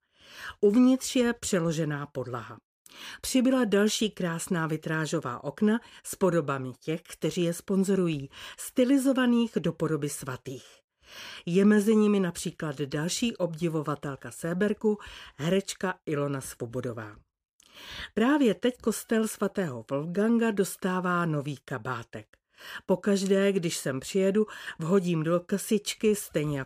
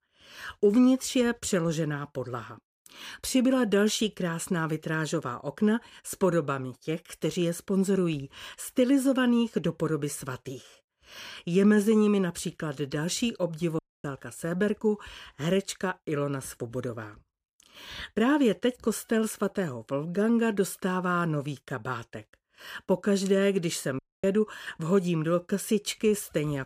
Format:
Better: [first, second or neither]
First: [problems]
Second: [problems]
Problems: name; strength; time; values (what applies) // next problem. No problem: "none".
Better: first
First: none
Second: audio cutting out; at 14 s and at 24 s